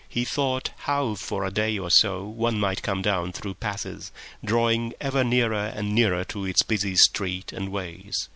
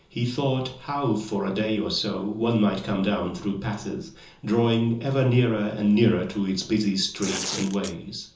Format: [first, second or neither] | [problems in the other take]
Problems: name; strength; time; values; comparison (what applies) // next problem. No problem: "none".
first | background sound (Tearing); 8 dB below the speech // room echo; dies away in 0.6 s